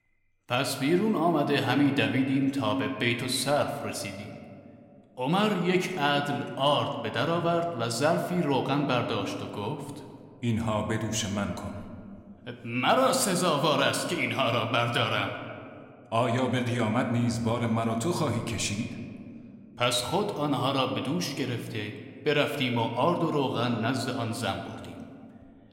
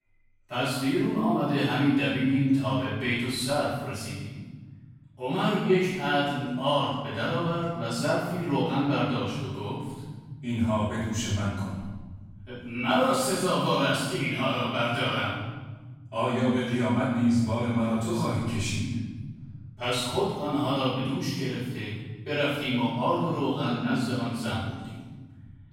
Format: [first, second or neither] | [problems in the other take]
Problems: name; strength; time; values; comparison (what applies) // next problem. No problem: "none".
first | room echo; strong; dies away in 2.4 s; slight in the first // off-mic speech; far